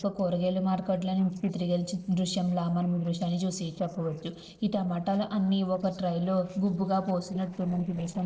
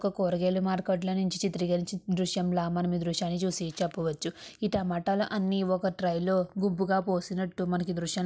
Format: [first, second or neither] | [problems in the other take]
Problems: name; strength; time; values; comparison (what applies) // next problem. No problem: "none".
second | noise reduction (neural separator model SepFormer DNS4)